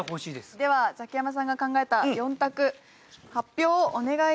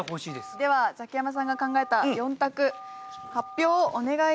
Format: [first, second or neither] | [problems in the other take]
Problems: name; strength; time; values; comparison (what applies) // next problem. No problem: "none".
first | background sound (Telephone); 17 dB below the speech